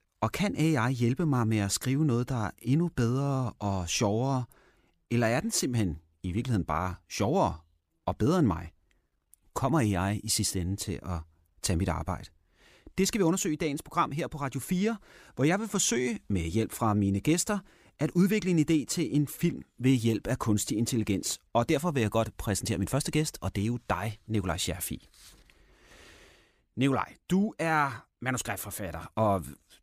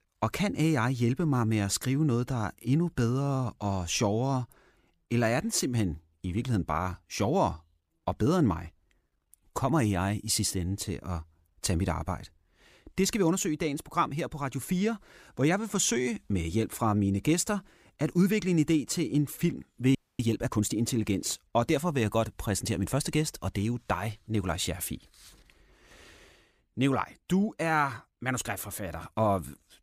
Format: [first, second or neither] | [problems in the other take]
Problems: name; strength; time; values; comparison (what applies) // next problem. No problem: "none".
first | audio freezing; at 20 s